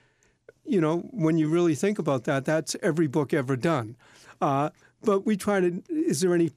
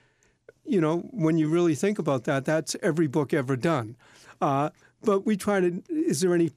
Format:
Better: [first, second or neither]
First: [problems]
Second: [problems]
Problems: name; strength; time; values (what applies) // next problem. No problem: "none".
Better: neither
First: none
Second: none